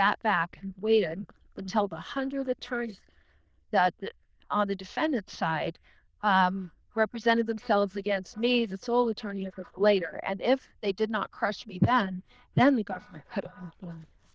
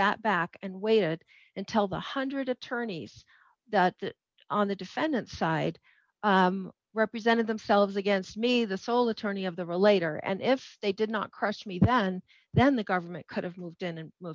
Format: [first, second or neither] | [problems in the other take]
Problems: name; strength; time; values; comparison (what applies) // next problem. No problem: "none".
second | noise reduction (neural diffusion model UNIVERSE++)